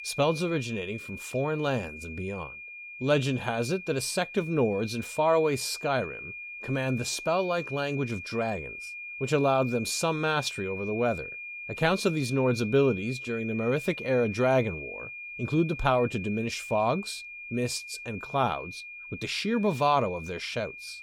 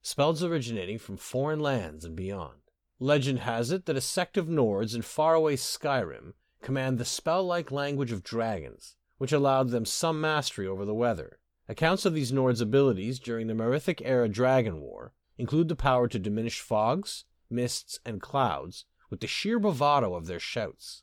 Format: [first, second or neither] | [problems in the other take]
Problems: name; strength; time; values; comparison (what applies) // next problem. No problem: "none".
second | high-pitched whine; noticeable; throughout; 2.5 kHz, 10 dB below the speech